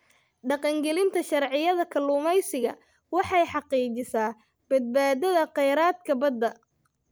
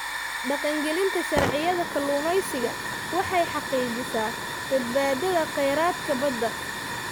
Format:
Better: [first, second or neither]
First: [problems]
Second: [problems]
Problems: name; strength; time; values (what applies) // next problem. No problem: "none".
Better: first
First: none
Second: background sound (Hiss / Fire); 4 dB below the speech